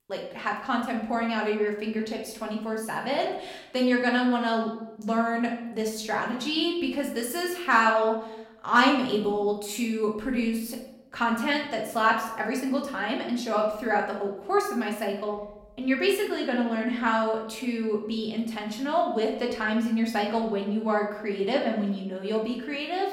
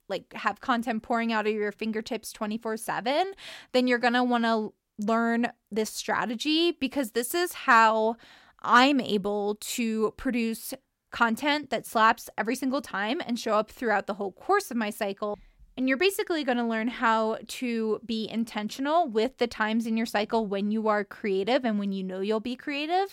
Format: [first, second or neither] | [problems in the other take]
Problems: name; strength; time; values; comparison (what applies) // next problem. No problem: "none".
second | room echo; slight; dies away in 0.7 s // off-mic speech; somewhat distant